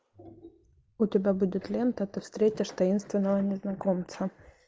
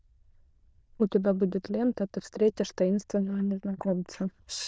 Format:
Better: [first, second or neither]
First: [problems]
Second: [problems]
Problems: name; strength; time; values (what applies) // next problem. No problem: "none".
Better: first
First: none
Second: noise reduction (neural diffusion model UNIVERSE++)